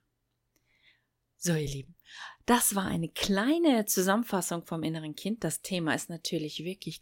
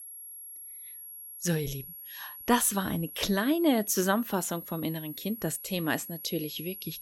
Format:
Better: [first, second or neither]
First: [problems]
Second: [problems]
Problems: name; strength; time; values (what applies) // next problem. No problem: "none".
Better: first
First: none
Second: high-pitched whine; noticeable; throughout; 11.5 kHz, 10 dB below the speech